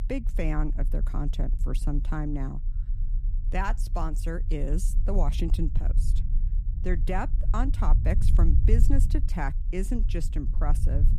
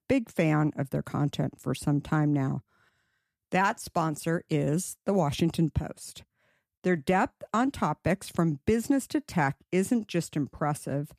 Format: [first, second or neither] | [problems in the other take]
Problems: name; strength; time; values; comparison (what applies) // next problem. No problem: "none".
second | low rumble; noticeable; throughout; 10 dB below the speech